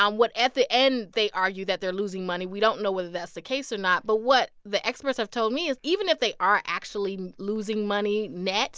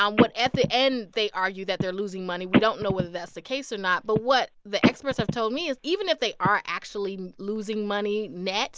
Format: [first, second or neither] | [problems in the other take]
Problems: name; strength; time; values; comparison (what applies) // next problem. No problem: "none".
first | background sound (Telephone); 3 dB below the speech